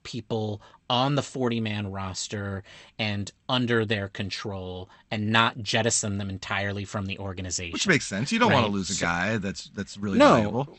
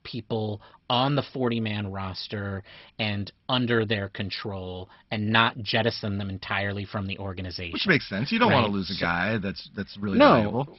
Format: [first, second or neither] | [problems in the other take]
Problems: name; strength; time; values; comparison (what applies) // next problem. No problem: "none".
first | garbled, watery; badly; nothing above 5.5 kHz; slightly in the first